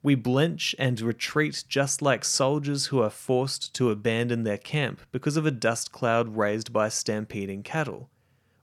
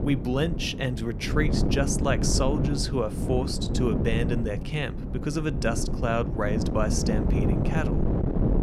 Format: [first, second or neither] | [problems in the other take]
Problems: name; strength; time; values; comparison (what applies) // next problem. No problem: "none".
first | wind noise on the microphone; heavy; 5 dB below the speech